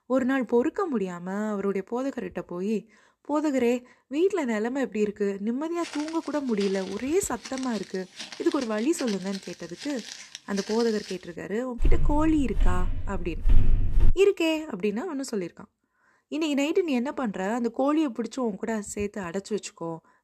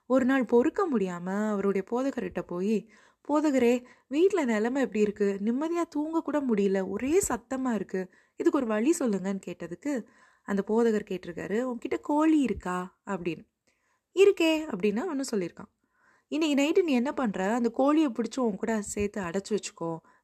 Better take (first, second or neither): second